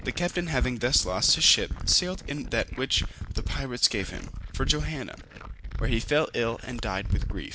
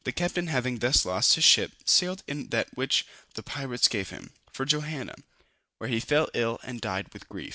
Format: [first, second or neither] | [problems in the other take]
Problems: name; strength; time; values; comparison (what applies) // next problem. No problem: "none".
second | background sound (Glass); 4 dB below the speech